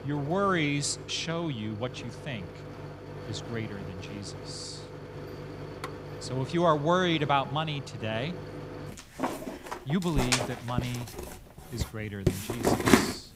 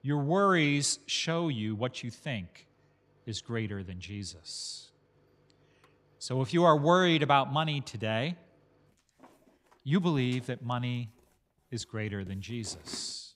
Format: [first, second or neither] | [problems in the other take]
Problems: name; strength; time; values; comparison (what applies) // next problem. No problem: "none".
second | household noises; loud; throughout; 3 dB below the speech; faint in the second